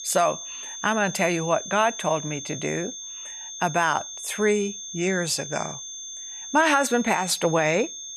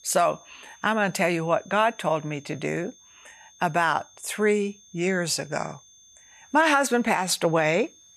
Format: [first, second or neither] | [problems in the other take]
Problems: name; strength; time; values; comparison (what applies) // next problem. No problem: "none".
second | high-pitched whine; loud; throughout; 6.5 kHz, 10 dB below the speech; faint in the second